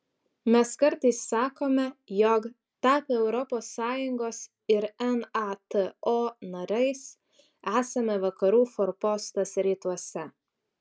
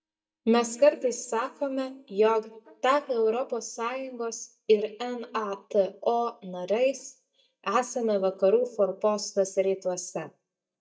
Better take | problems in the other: first | noise reduction (neural mask model DeepFilterNet 3)

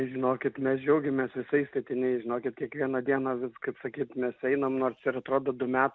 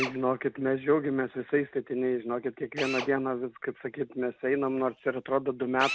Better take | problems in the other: first | background sound (Drill); 13 dB below the speech

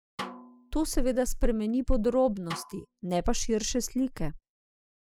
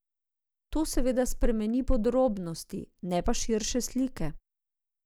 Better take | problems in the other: second | noise reduction (classical method spectral subtraction)

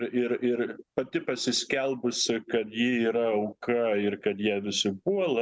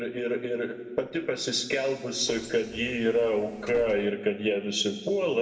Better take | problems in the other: first | background sound (Bus); 19 dB below the speech // room echo; dies away in 1.4 s

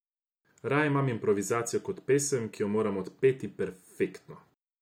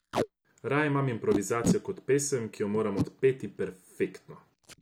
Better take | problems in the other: first | background sound (Packing tape, duct tape); 6 dB below the speech

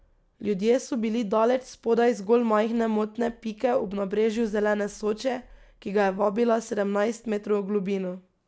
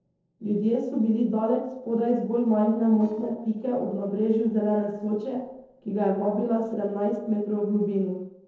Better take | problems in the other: first | noise reduction (neural separator model SepFormer DNS4)

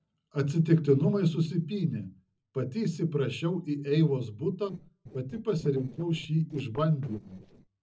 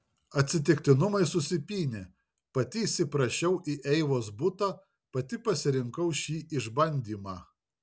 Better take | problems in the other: second | noise reduction (neural separator model SepFormer DNS4)

